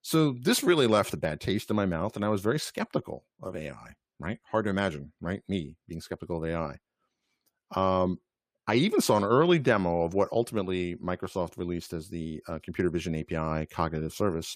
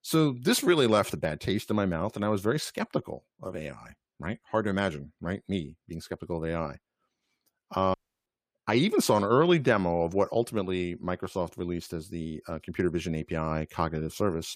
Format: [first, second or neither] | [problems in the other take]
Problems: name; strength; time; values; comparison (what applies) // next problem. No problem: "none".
first | audio cutting out; at 8 s